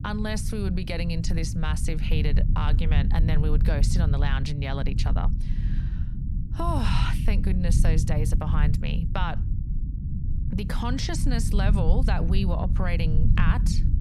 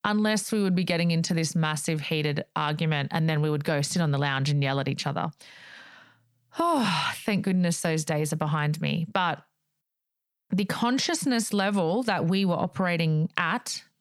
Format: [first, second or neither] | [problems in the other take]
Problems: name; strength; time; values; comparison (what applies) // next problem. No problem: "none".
second | low rumble; loud; throughout; 8 dB below the speech